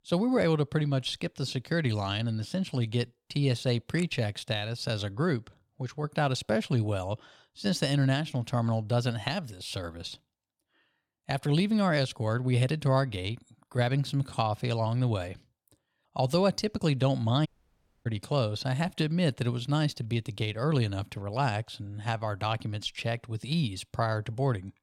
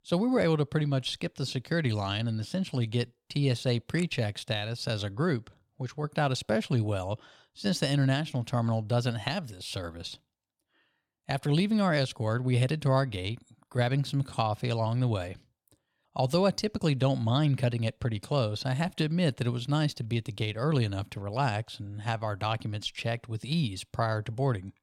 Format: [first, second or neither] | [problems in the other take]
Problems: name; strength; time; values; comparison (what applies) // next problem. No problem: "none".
second | audio cutting out; at 17 s for 0.5 s